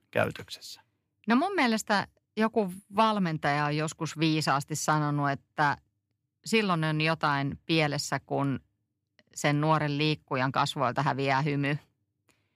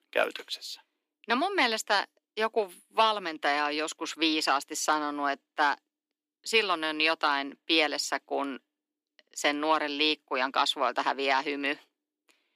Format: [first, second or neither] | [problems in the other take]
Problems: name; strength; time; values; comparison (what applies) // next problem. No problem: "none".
first | thin; somewhat; fading below 300 Hz